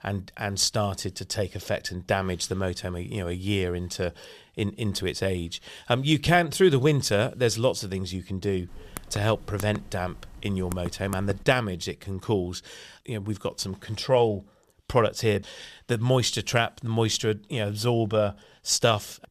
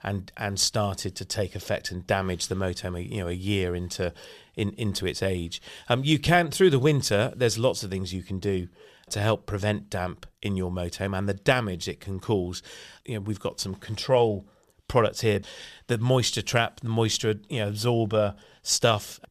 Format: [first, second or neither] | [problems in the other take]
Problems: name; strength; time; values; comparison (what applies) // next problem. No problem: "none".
second | keyboard typing; faint; from 8.5 to 11 s; peak 15 dB below the speech